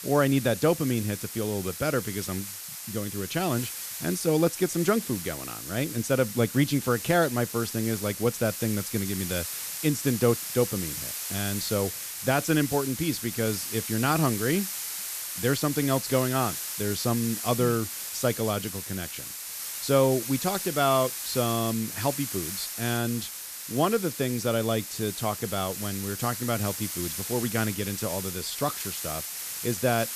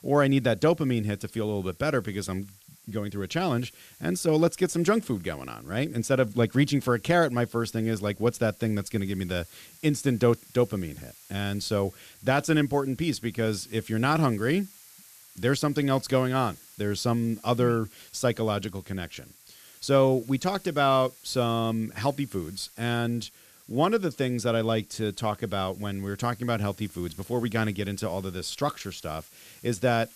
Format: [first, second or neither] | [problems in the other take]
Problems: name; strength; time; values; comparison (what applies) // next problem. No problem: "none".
second | hiss; loud; throughout; 5 dB below the speech; faint in the second